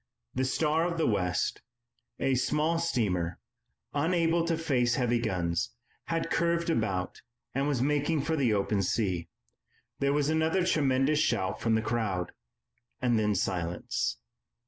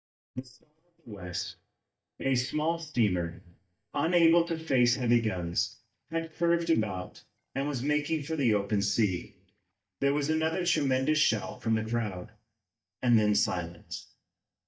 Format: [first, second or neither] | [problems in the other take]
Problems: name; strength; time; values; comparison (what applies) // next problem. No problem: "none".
first | noise reduction (neural mask model DeepFilterNet 3)